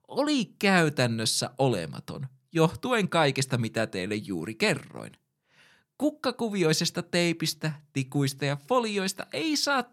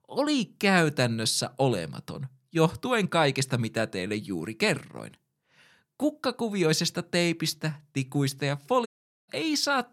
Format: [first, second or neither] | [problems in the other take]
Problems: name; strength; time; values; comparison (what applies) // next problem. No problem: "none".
first | audio cutting out; at 9 s